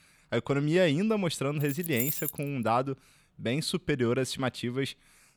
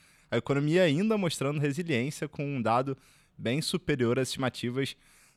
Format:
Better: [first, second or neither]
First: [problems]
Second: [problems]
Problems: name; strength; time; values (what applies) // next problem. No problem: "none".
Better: second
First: jangling keys; noticeable; at 1.5 s; peak 1 dB below the speech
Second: none